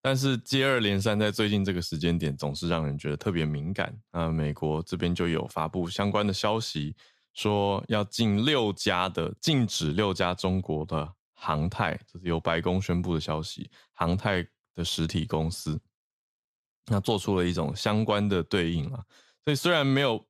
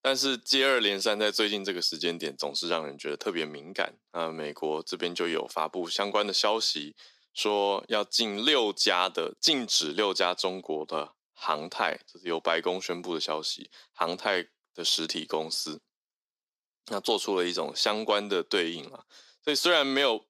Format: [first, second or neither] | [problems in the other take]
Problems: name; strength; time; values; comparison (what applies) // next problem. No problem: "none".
first | thin; somewhat; fading below 300 Hz